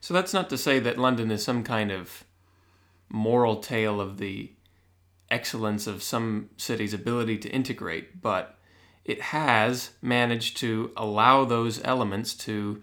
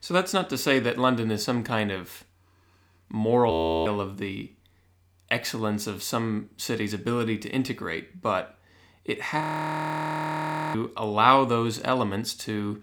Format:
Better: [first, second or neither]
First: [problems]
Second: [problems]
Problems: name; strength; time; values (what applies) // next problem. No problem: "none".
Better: first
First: none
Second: audio freezing; at 3.5 s and at 9.5 s for 1.5 s